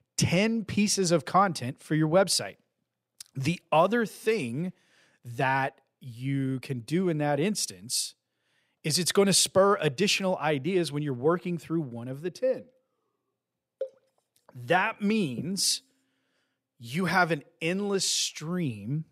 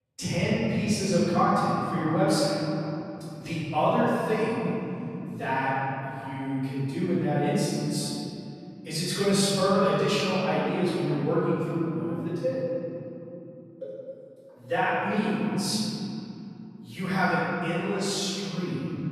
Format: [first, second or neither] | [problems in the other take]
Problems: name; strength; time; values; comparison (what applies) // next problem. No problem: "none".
first | off-mic speech; far // room echo; strong; dies away in 3 s